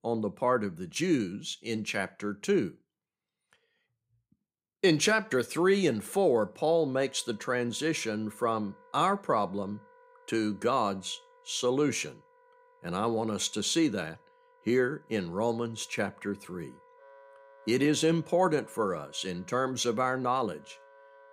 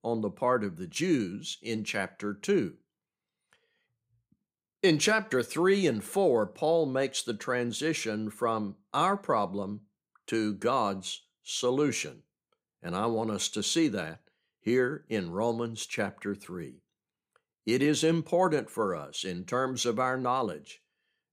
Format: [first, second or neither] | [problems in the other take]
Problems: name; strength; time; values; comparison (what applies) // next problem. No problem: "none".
second | background music; faint; from 6.5 s on; 30 dB below the speech